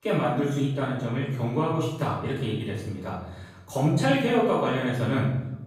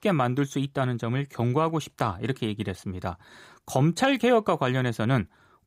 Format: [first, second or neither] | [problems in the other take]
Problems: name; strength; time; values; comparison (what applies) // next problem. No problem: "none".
second | off-mic speech; far // room echo; noticeable; dies away in 0.8 s